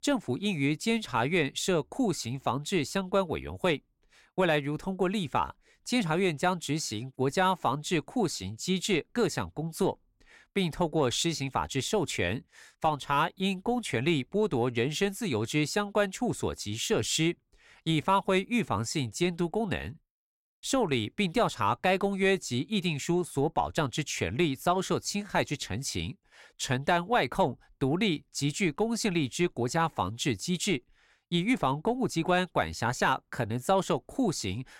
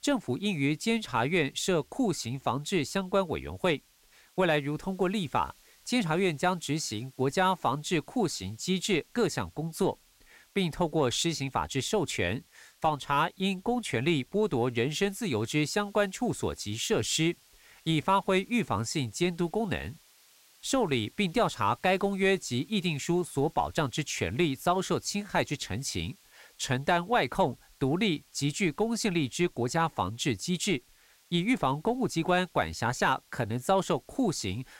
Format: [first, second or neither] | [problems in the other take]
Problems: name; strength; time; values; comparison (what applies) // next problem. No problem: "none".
first | hiss; faint; throughout; 30 dB below the speech